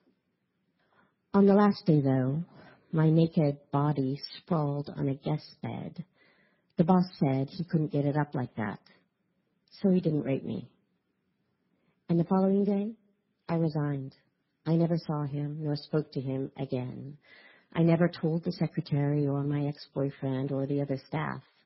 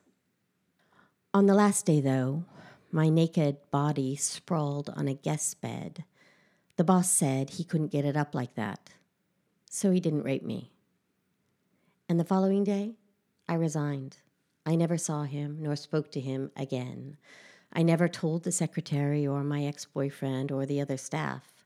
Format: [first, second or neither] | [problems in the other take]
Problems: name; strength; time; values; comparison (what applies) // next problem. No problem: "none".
second | garbled, watery; badly; nothing above 5.5 kHz